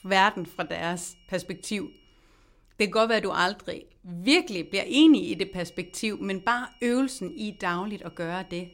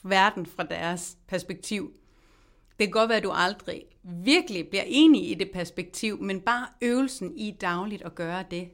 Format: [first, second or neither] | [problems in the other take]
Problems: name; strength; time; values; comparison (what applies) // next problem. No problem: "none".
second | high-pitched whine; faint; until 2 s and from 4.5 s on; 3 kHz, 30 dB below the speech